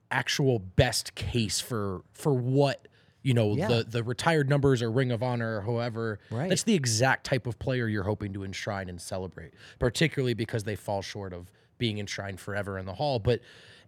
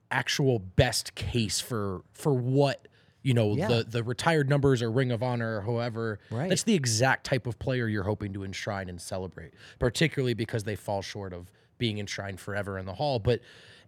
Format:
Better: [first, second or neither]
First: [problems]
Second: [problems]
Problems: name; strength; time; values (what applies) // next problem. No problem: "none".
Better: neither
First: none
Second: none